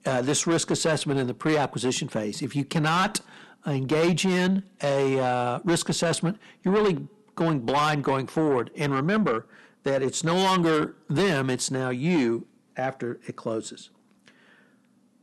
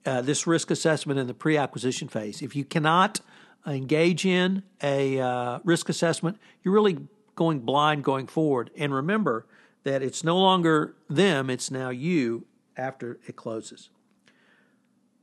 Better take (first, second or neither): second